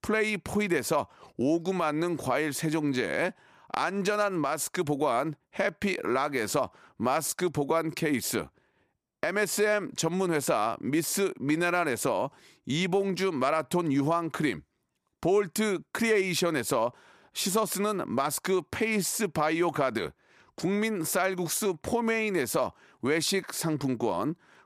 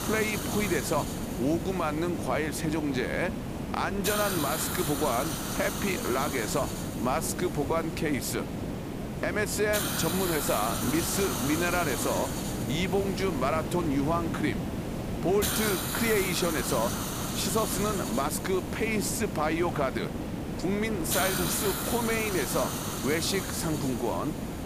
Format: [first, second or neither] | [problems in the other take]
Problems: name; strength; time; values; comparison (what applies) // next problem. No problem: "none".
first | hiss; loud; throughout; 2 dB below the speech